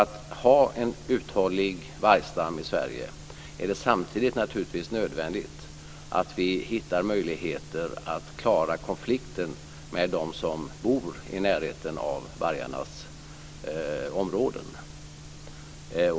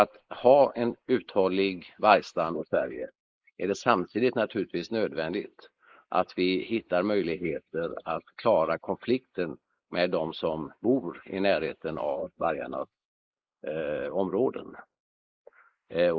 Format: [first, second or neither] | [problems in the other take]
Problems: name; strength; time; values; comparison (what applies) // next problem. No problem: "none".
first | noise reduction (neural mask model Resemble Enhance denoiser)